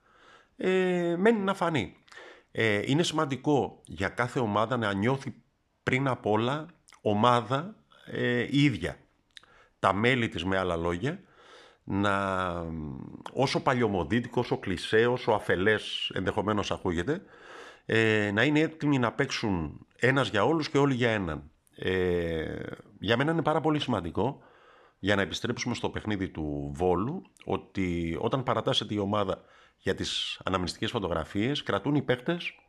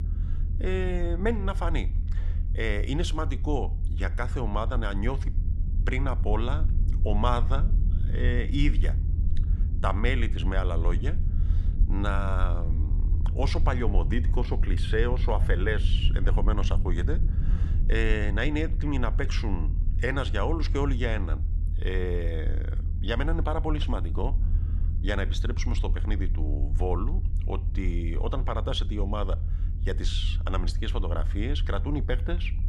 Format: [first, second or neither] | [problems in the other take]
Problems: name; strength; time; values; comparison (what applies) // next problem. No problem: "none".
first | low rumble; noticeable; throughout; 15 dB below the speech